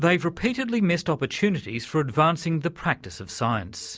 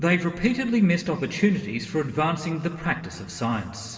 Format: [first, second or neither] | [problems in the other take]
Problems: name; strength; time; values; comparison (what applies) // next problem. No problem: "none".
first | room echo; dies away in 2.1 s